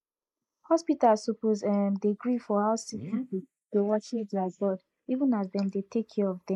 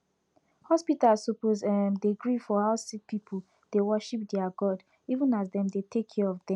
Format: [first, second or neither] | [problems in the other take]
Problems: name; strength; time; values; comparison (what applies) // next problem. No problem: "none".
second | noise reduction (neural mask model Resemble Enhance denoiser)